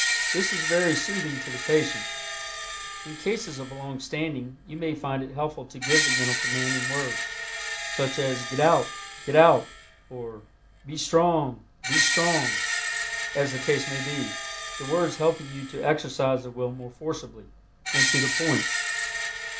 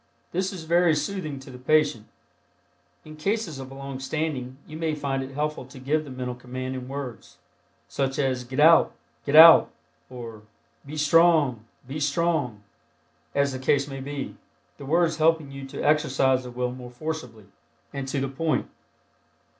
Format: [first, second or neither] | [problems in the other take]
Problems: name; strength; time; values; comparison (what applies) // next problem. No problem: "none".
second | background sound (Screech); 2 dB below the speech